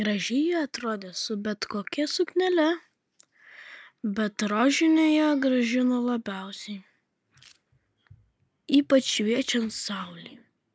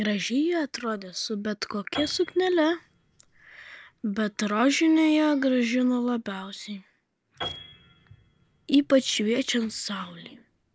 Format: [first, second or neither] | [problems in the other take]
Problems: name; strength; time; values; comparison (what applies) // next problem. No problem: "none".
first | background sound (Piano); 20 dB below the speech